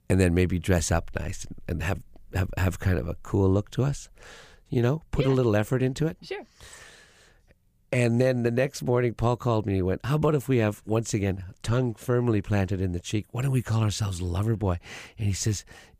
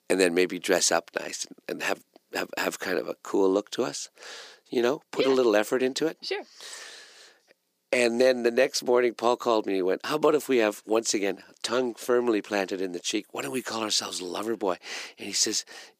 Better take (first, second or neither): first